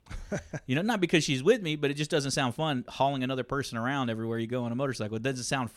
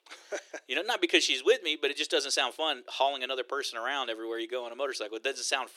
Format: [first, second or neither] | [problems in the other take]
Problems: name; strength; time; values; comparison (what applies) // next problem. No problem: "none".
first | thin; very; fading below 350 Hz